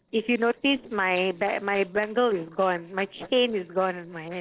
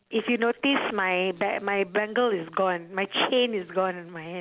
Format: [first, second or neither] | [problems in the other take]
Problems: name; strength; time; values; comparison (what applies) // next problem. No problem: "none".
second | noise reduction (neural separator model SepFormer DNS4)